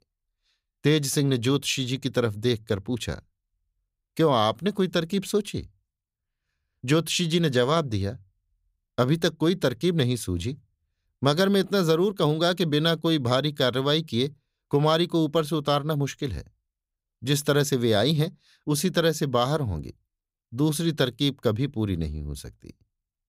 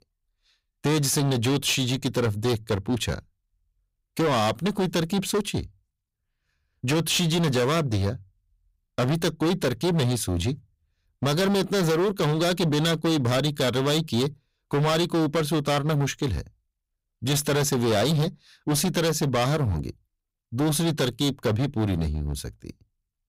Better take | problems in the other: first | distortion; heavy; 19% of the sound clipped

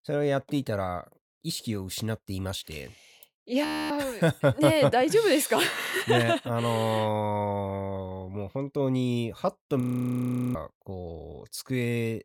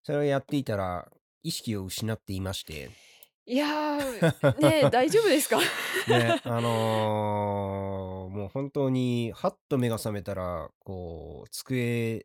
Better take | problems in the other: second | audio freezing; at 3.5 s and at 10 s for 0.5 s

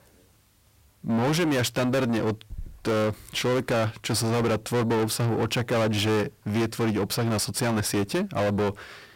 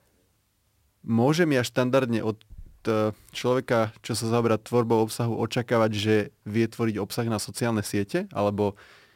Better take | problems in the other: second | distortion; heavy; 6 dB below the speech

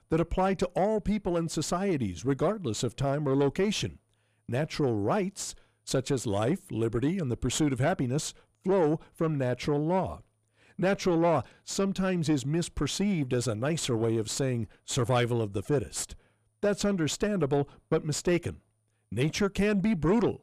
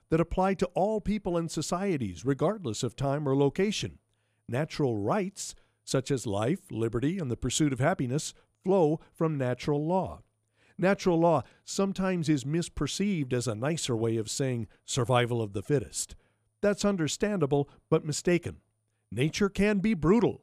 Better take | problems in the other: second | distortion; slight; 10 dB below the speech

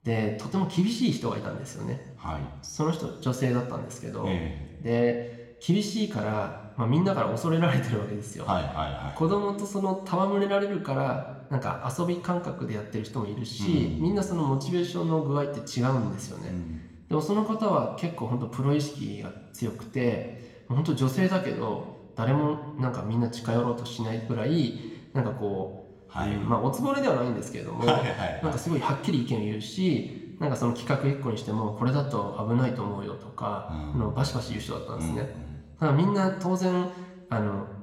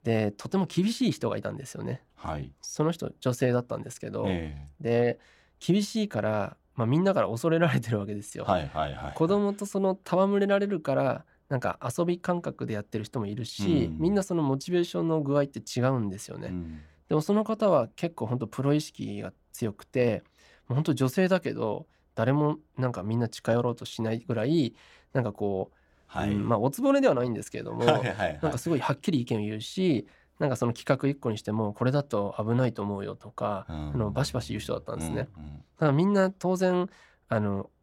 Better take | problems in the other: second | room echo; slight; dies away in 1.1 s

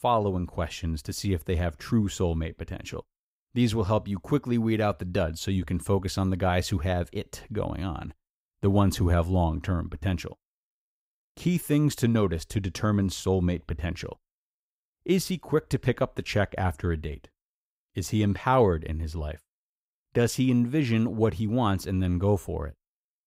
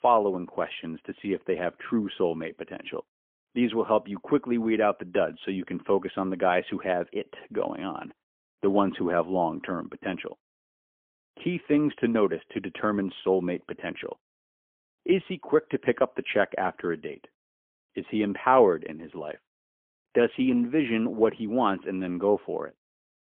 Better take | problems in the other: first | phone-call audio; poor line; nothing above 3.5 kHz

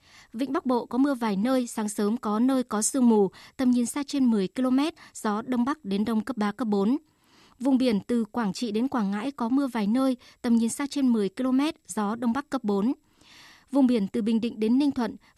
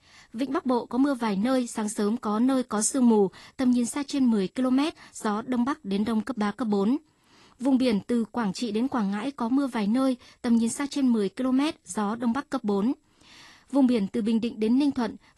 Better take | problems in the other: first | garbled, watery; slightly

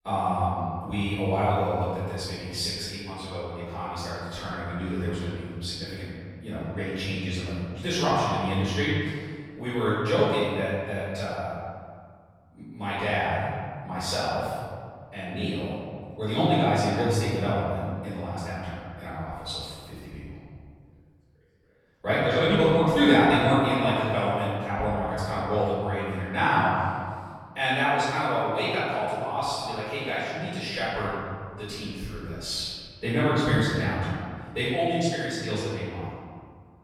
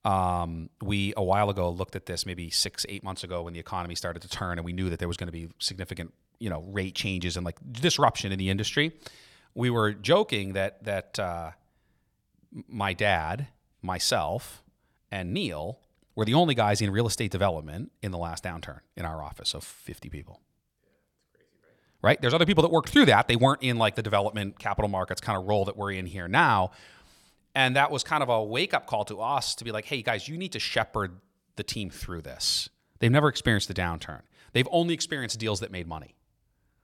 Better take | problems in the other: second | off-mic speech; far // room echo; strong; dies away in 1.9 s

